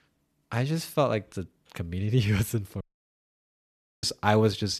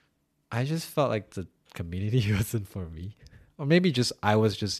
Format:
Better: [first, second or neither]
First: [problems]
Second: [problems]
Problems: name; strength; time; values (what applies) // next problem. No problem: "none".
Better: second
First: audio cutting out; at 3 s for 1 s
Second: none